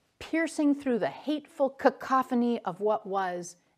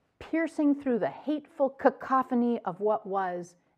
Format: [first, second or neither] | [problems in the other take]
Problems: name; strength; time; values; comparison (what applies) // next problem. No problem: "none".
first | muffled; slightly; fading above 2.5 kHz